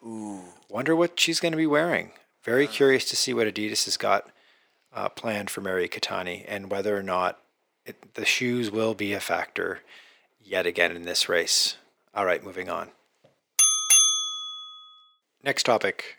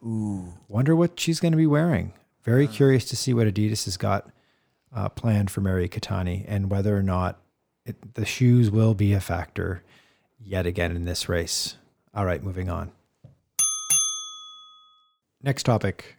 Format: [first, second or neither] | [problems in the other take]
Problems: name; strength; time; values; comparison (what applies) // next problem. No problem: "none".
second | thin; very; fading below 450 Hz